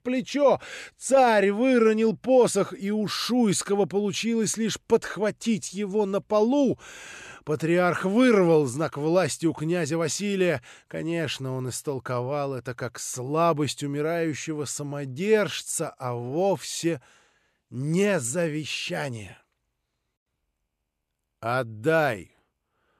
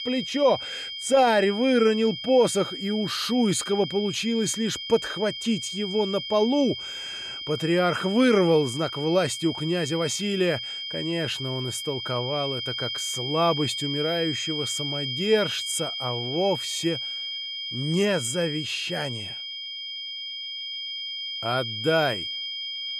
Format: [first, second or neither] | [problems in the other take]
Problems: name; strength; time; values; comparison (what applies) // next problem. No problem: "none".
first | high-pitched whine; loud; throughout; 3 kHz, 5 dB below the speech